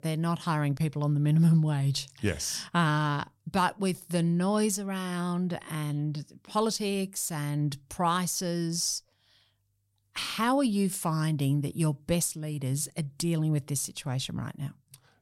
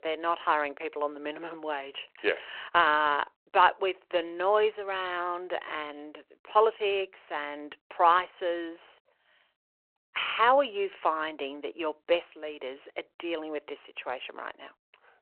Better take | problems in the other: first | phone-call audio

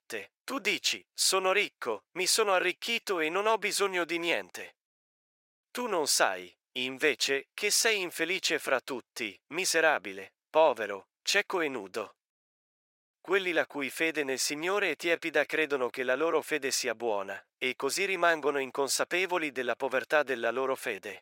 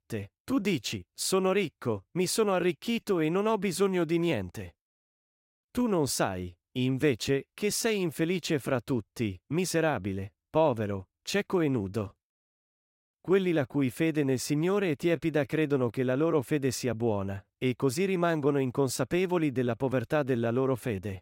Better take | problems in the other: second | thin; very; fading below 600 Hz

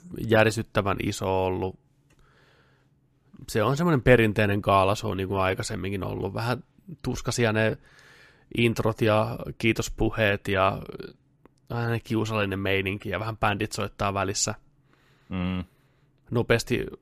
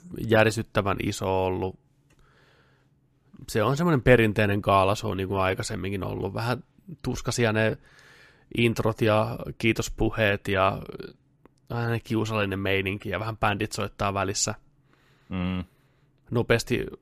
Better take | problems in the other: neither | none

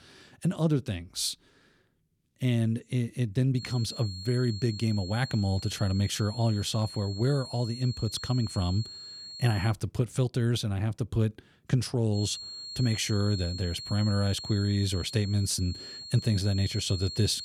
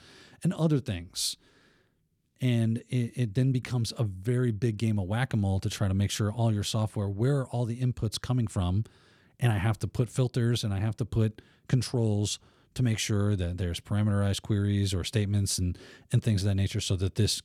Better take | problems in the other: second | high-pitched whine; loud; from 3.5 to 9.5 s and from 12 s on; 4.5 kHz, 10 dB below the speech

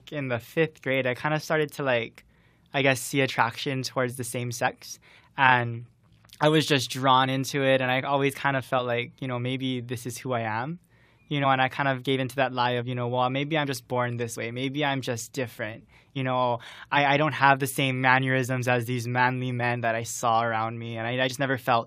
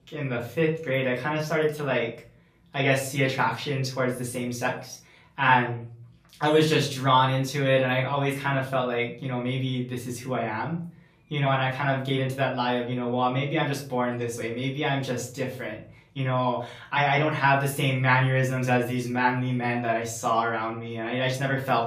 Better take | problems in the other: first | off-mic speech; far // room echo; slight; dies away in 0.4 s

